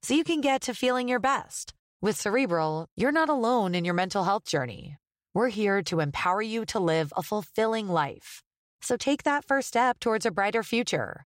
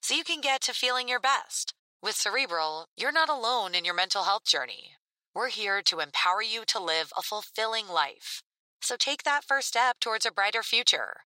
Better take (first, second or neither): first